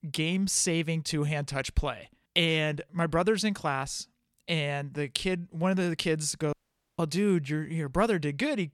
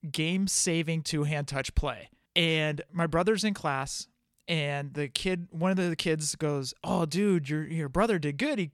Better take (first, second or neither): second